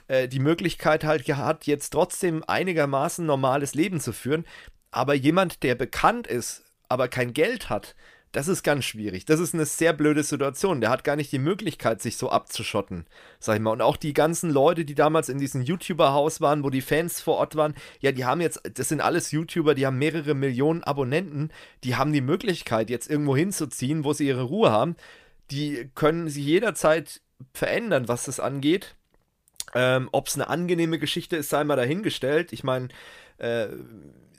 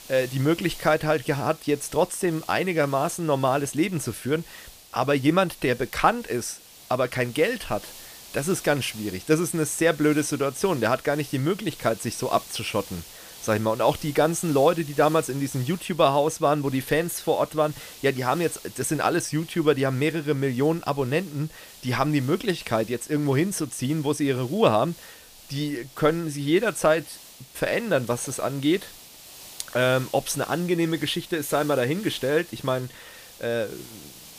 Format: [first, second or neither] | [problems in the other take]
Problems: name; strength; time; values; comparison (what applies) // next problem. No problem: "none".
first | hiss; noticeable; throughout; 20 dB below the speech